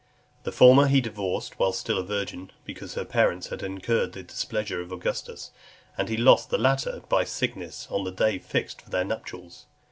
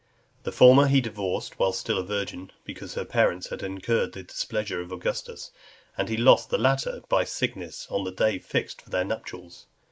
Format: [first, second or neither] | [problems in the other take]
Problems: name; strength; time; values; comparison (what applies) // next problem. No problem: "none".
first | noise reduction (neural mask model Resemble Enhance denoiser)